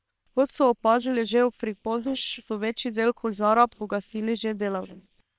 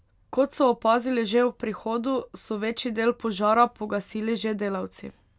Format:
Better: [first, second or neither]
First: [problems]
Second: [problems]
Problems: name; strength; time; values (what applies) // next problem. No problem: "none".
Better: second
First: noise reduction (neural separator model SepFormer WHAM!)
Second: none